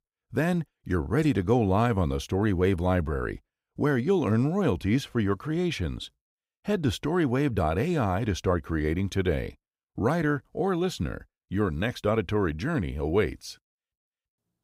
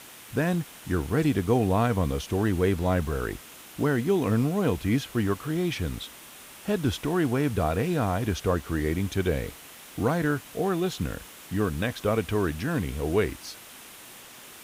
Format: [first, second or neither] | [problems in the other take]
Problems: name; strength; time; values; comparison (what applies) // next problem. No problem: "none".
first | hiss; noticeable; throughout; 15 dB below the speech